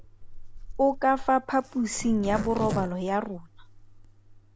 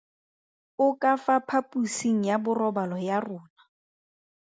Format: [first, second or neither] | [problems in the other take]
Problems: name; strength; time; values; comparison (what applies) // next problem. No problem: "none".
second | background sound (Zipper (clothing)); 10 dB below the speech